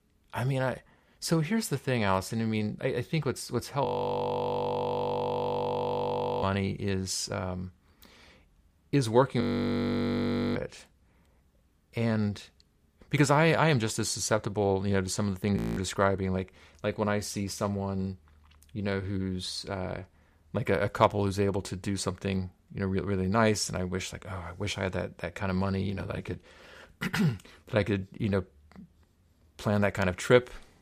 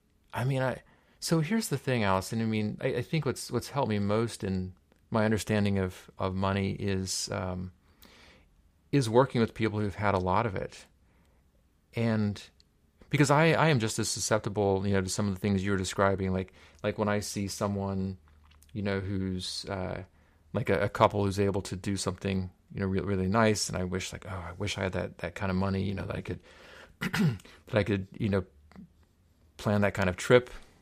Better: second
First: audio freezing; at 4 s for 2.5 s, at 9.5 s for 1 s and at 16 s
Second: none

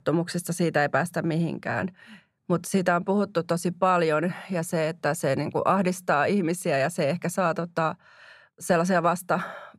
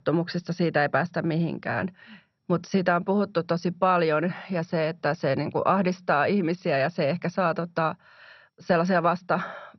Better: first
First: none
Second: garbled, watery; slightly; nothing above 6 kHz

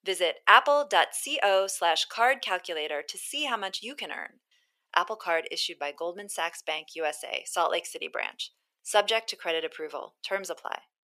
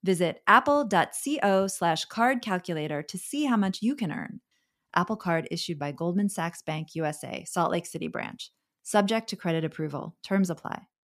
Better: second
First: thin; very; fading below 450 Hz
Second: none

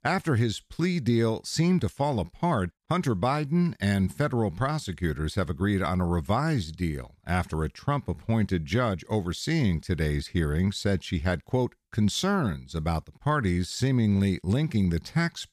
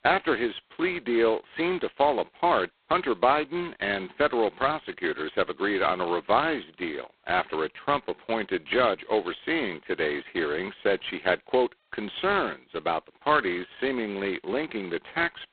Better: first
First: none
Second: phone-call audio; poor line; nothing above 4 kHz

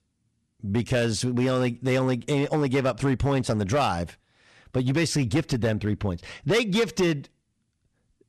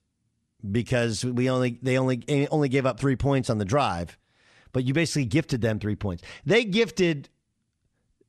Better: second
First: distortion; slight; 7% of the sound clipped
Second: none

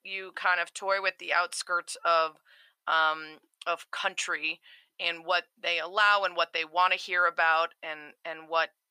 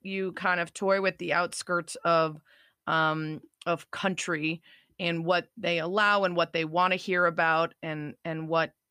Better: second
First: thin; very; fading below 850 Hz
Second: none

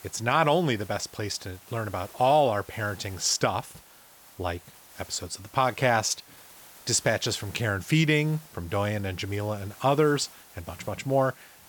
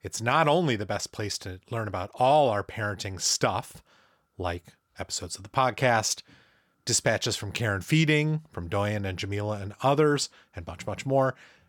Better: second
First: hiss; faint; throughout; 20 dB below the speech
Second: none

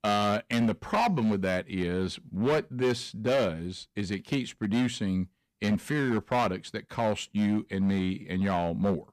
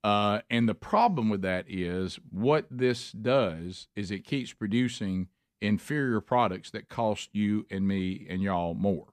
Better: second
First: distortion; slight; 8% of the sound clipped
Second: none

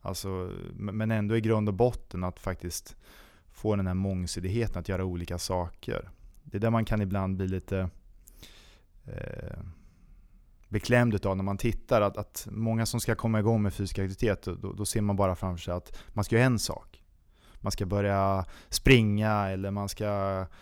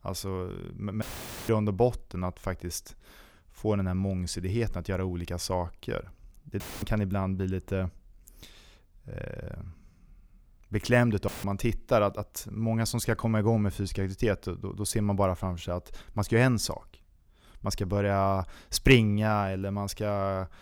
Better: first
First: none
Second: audio cutting out; filled with static; at 1 s, at 6.5 s and at 11 s

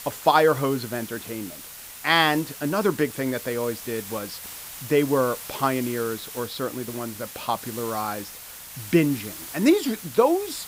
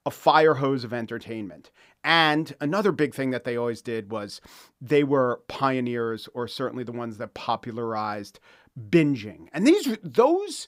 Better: second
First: hiss; noticeable; throughout; 10 dB below the speech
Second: none

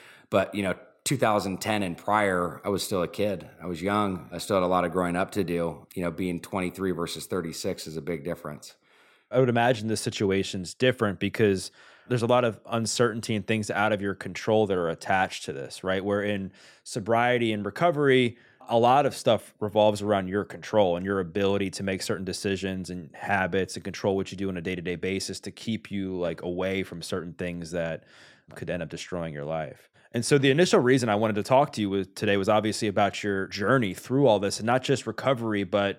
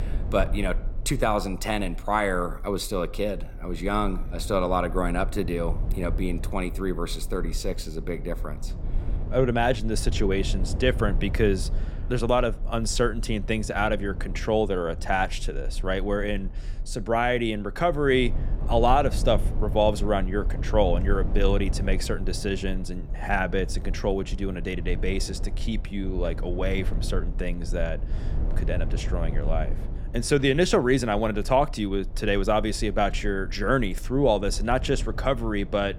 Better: first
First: none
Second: low rumble; noticeable; throughout; 20 dB below the speech

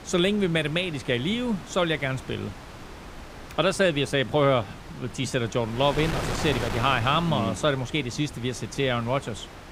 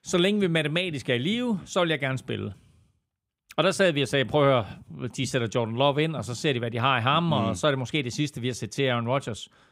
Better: second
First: wind noise on the microphone; occasional gusts; 10 dB below the speech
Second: none

